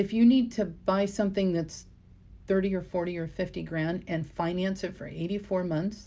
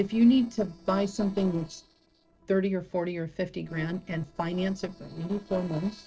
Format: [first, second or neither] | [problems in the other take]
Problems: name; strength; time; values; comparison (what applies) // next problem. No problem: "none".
first | noise reduction (neural separator model SepFormer DNS4)